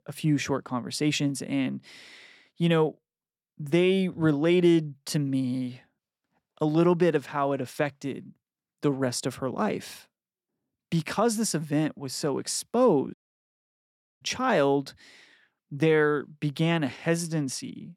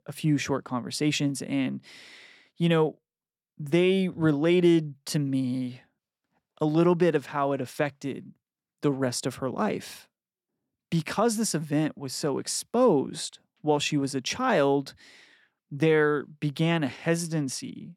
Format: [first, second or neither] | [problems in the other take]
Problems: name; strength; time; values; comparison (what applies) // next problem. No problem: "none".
second | audio cutting out; at 13 s for 1 s